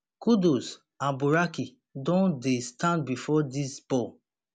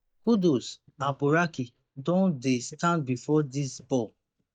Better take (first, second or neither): first